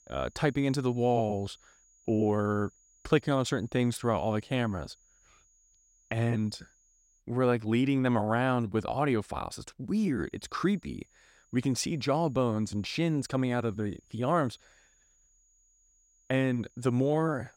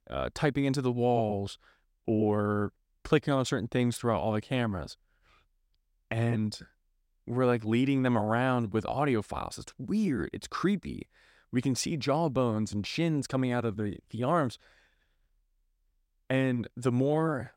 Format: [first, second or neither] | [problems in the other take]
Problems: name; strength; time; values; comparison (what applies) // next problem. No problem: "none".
second | high-pitched whine; faint; until 7 s and from 10 s on; 6.5 kHz, 35 dB below the speech